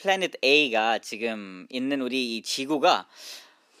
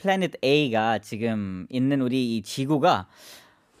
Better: second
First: thin; very slightly; fading below 300 Hz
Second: none

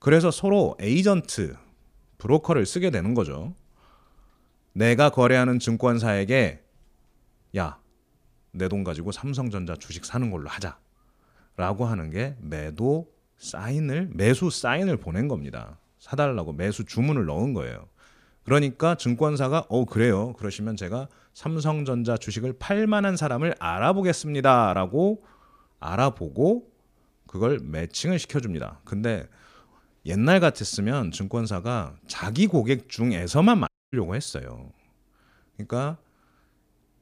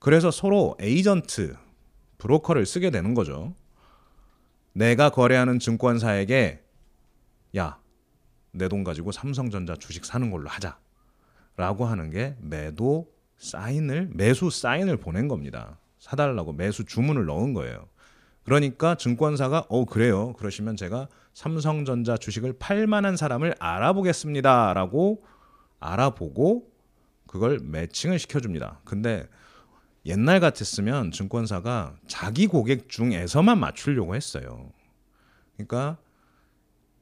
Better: second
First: audio cutting out; at 34 s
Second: none

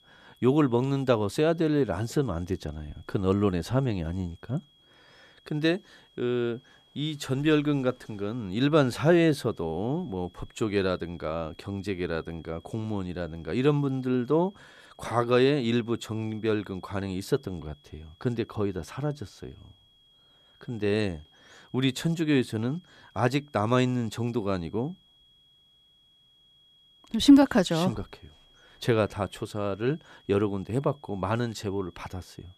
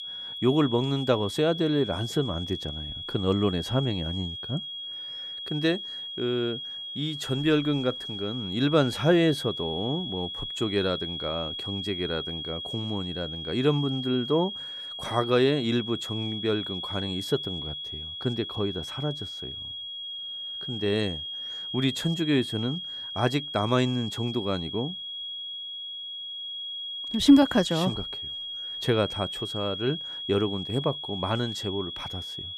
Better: first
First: high-pitched whine; faint; throughout; 3.5 kHz, 30 dB below the speech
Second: high-pitched whine; loud; throughout; 3.5 kHz, 6 dB below the speech

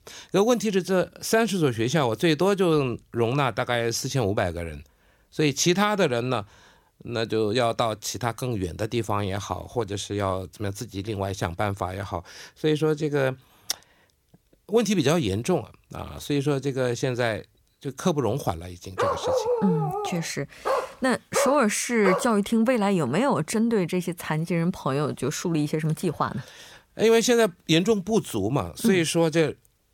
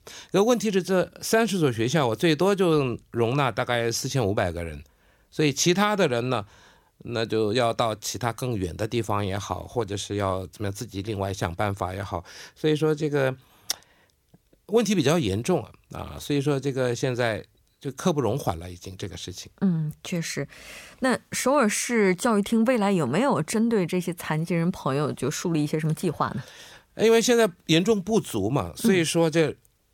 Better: second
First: dog barking; loud; from 19 to 22 s; peak level with the speech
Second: none

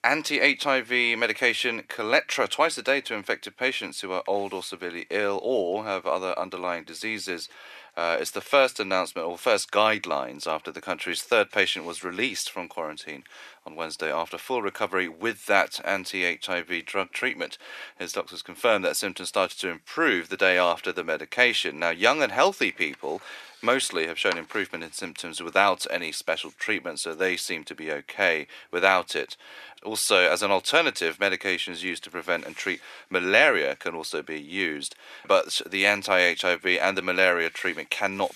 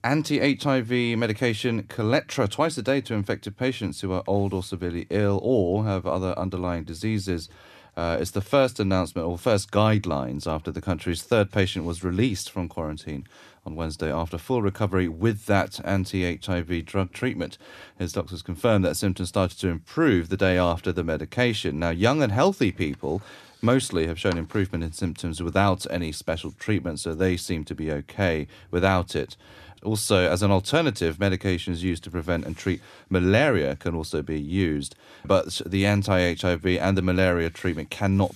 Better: second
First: thin; very; fading below 500 Hz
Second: none

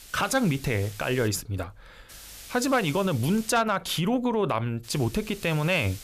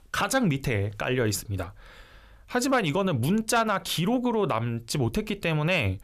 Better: second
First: hiss; noticeable; until 1.5 s, from 2 to 3.5 s and from 5 s on; 20 dB below the speech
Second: none

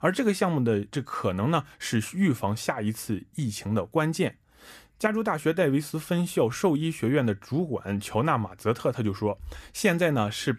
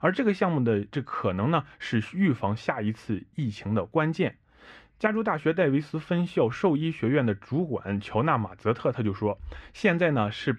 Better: first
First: none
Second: muffled; slightly; fading above 2.5 kHz

